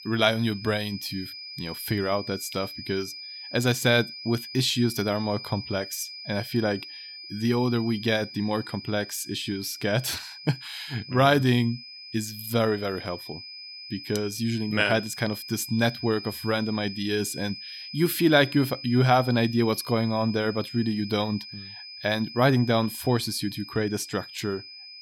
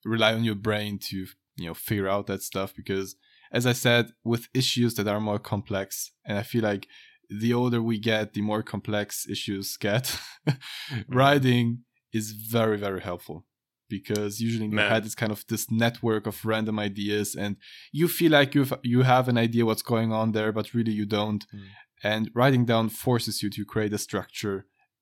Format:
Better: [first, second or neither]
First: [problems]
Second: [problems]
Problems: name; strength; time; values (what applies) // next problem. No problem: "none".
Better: second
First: high-pitched whine; noticeable; throughout; 5 kHz, 10 dB below the speech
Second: none